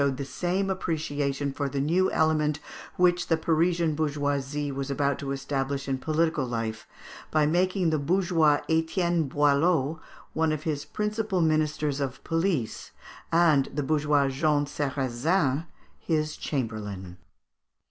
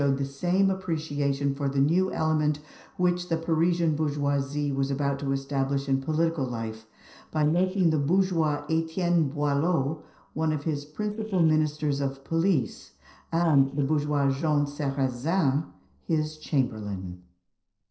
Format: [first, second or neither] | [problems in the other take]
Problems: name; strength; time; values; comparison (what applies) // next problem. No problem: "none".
first | noise reduction (neural separator model SepFormer DNS4)